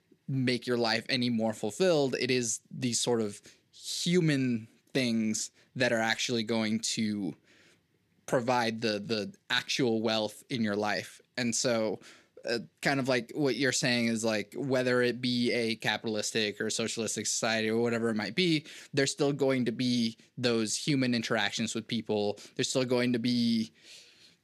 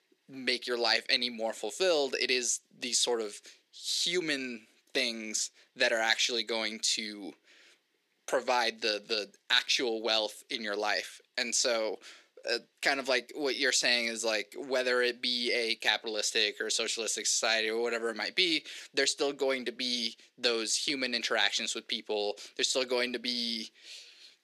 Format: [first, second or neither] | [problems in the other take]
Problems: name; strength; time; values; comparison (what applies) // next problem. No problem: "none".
first | thin; somewhat; fading below 350 Hz